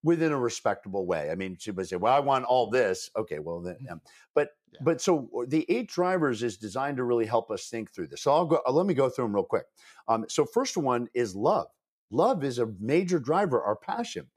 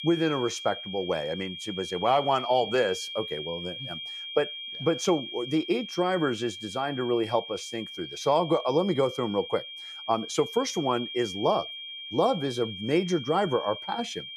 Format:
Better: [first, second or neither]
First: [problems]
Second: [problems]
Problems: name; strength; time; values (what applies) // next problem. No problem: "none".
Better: first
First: none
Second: high-pitched whine; loud; throughout; 3 kHz, 9 dB below the speech